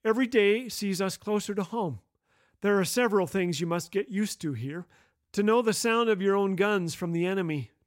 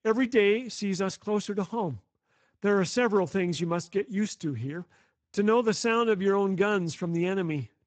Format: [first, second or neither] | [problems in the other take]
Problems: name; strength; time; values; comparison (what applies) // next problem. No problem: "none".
first | garbled, watery; badly; nothing above 8 kHz